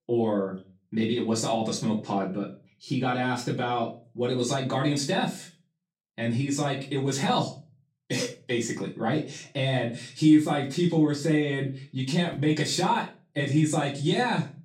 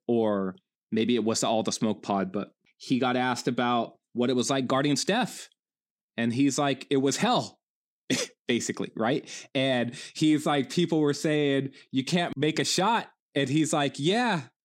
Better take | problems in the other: second | room echo; slight; dies away in 0.3 s // off-mic speech; far

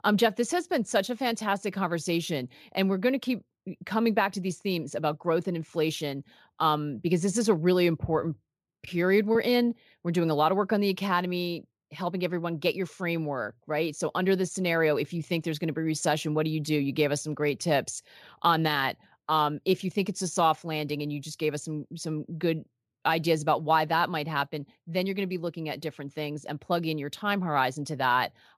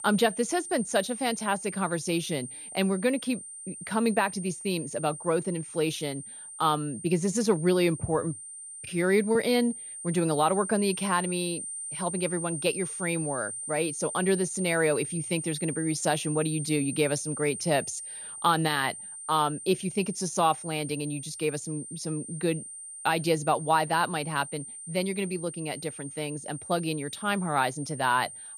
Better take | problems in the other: first | high-pitched whine; loud; throughout; 9 kHz, 9 dB below the speech

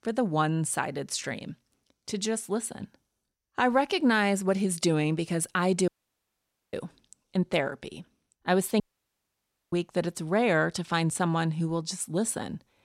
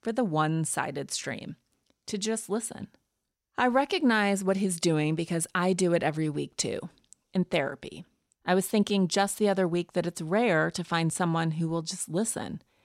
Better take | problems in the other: second | audio cutting out; at 6 s for 1 s and at 9 s for 1 s

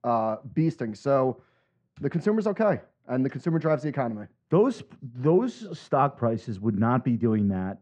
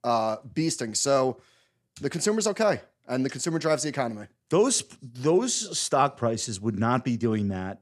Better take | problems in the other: second | muffled; very; fading above 1.5 kHz

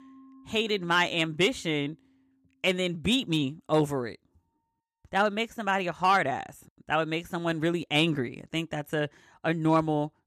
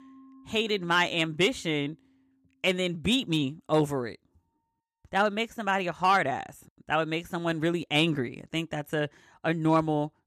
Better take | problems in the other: neither | background music; faint; throughout; 30 dB below the speech; the same in both

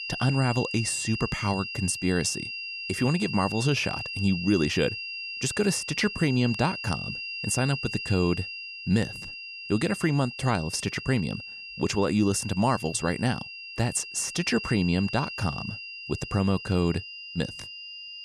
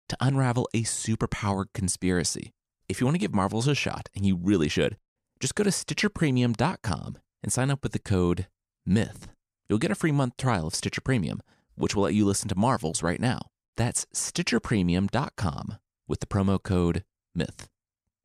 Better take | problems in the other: second | high-pitched whine; loud; throughout; 2.5 kHz, 7 dB below the speech

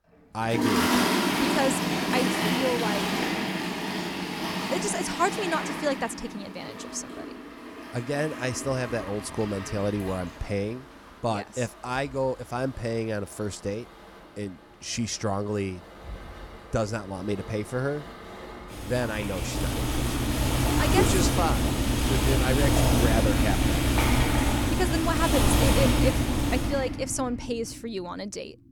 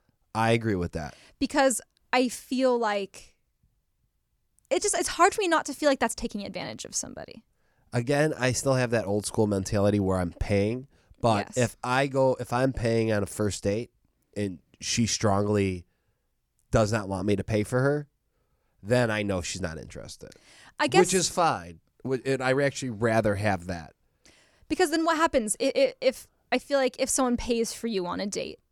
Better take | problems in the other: second | household noises; very loud; throughout; 4 dB above the speech

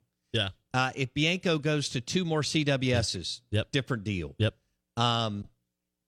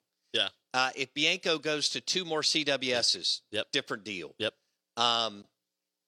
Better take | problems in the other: first | thin; somewhat; fading below 400 Hz

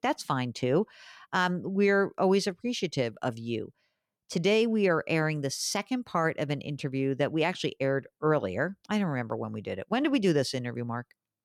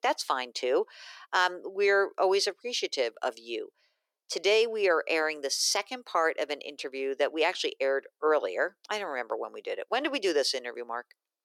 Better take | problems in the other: first | thin; very; fading below 400 Hz

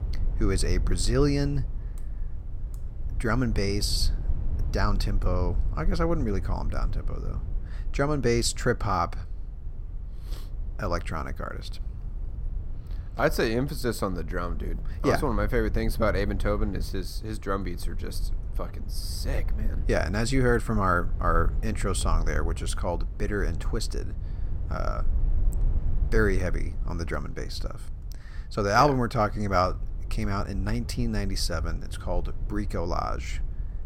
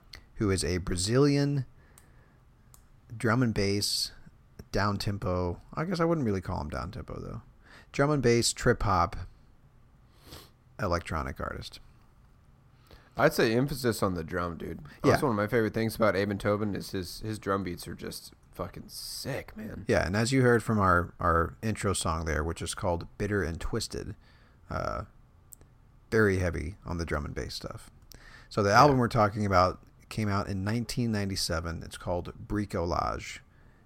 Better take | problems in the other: second | low rumble; faint; throughout; 20 dB below the speech

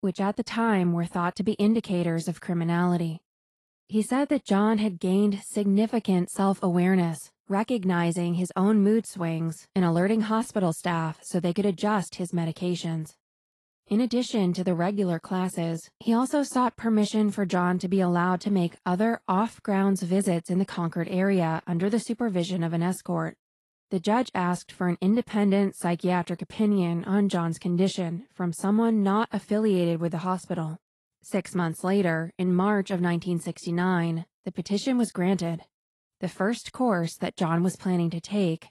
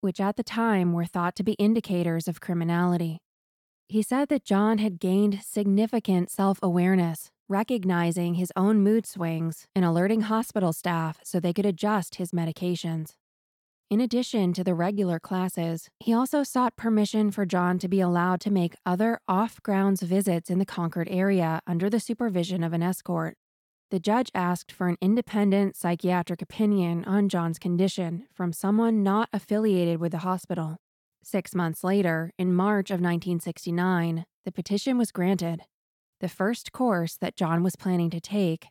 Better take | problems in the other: second | garbled, watery; slightly; nothing above 11.5 kHz

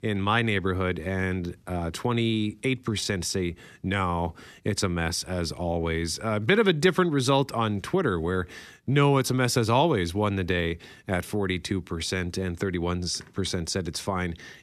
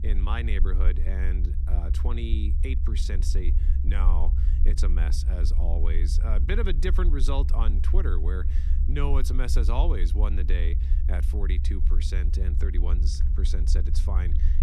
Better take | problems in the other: first | low rumble; loud; throughout; 8 dB below the speech

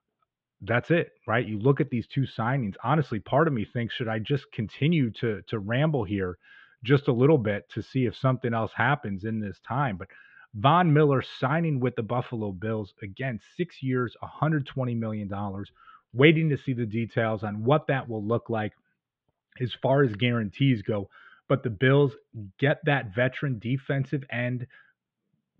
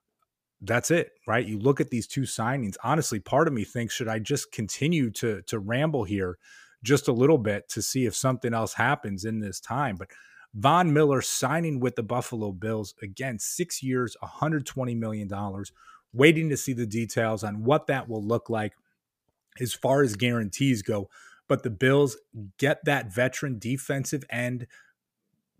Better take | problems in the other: second | muffled; very; fading above 3.5 kHz

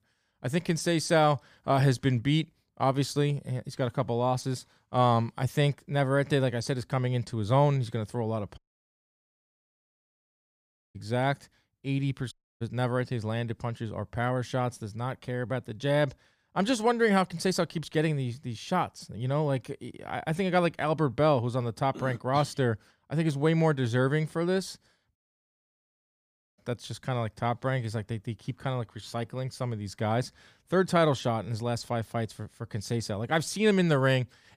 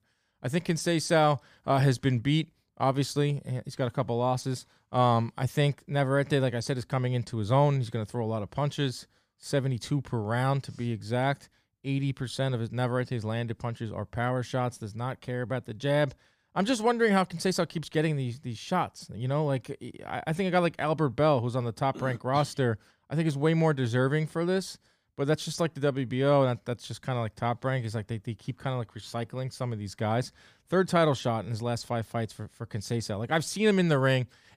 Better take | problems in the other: second | audio cutting out; at 8.5 s for 2.5 s, at 12 s and at 25 s for 1.5 s

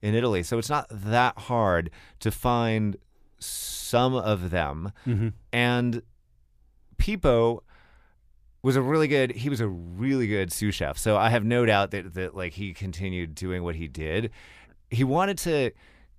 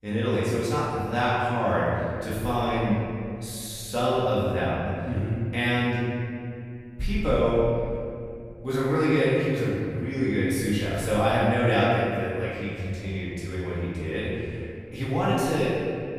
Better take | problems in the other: first | room echo; strong; dies away in 2.2 s // off-mic speech; far

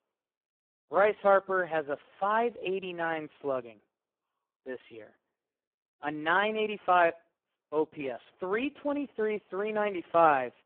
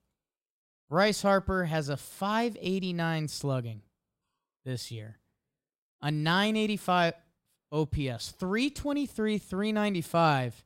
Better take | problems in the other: second | phone-call audio; poor line

